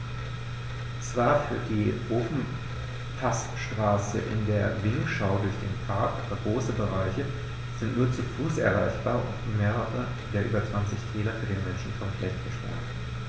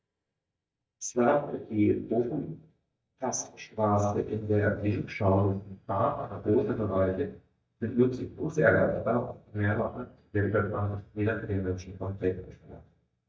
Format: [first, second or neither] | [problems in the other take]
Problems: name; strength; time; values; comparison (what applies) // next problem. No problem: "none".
first | noise reduction (neural mask model DeepFilterNet 3)